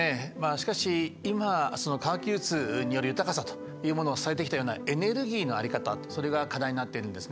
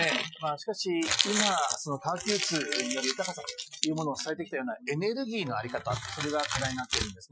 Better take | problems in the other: first | noise reduction (classical method Wiener filter)

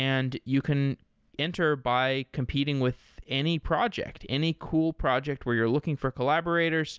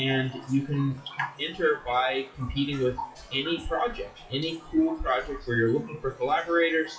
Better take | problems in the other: first | noise reduction (classical method WPE with log-MMSE)

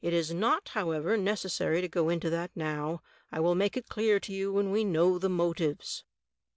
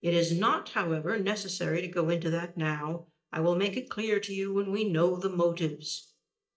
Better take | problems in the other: first | noise reduction (neural mask model DeepFilterNet 3)

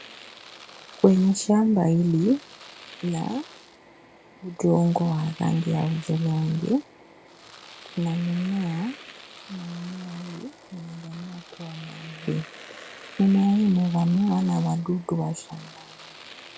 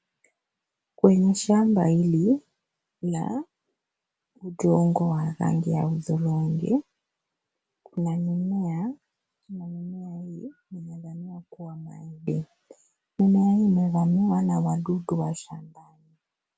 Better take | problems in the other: second | background sound (Domestic sounds, home sounds); 20 dB below the speech

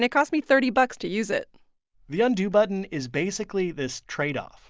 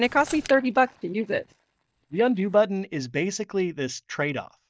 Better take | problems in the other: first | noise reduction (neural mask model DeepFilterNet 3)

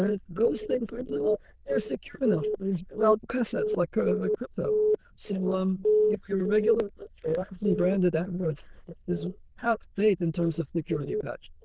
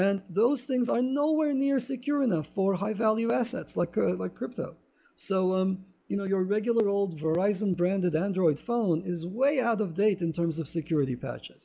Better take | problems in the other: second | noise reduction (neural diffusion model UNIVERSE++)

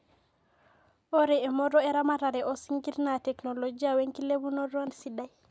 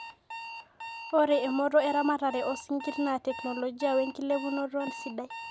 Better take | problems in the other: first | background sound (Alarm); 13 dB below the speech

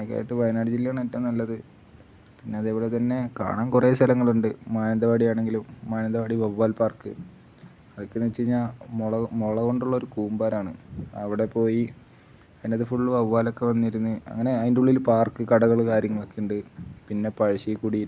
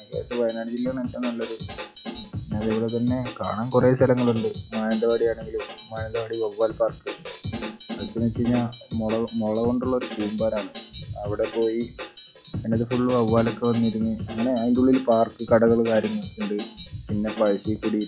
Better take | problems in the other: first | noise reduction (classical method log-MMSE)

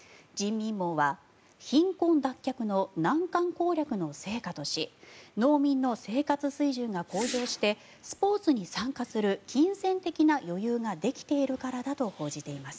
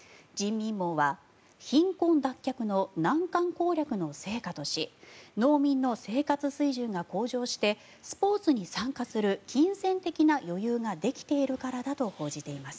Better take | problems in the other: second | background sound (Whoosh, swoosh, swish); 13 dB below the speech

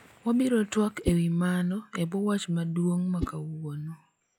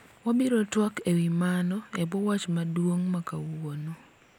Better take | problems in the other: second | noise reduction (classical method log-MMSE)

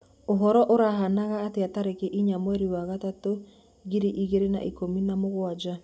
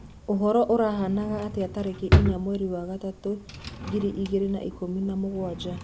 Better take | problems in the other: first | background sound (Drawer open or close); 3 dB below the speech

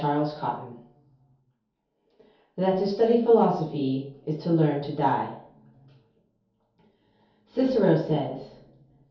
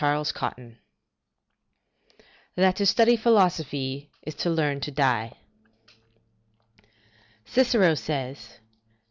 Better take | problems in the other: second | room echo; dies away in 0.6 s

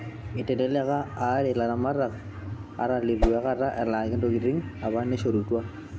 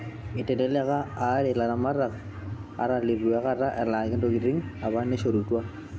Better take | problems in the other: second | background sound (Whoosh, swoosh, swish); as loud as the speech

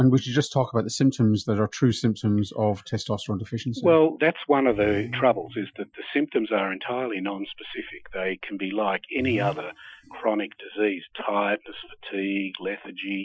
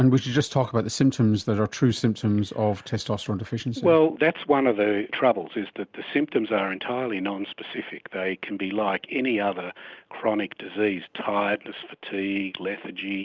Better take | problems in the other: second | noise reduction (classical method Wiener filter)

